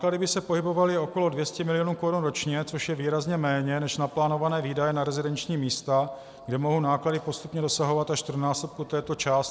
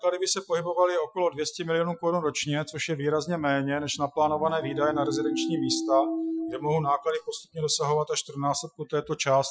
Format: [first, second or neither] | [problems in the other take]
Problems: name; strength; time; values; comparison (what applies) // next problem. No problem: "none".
first | noise reduction (classical method Wiener filter)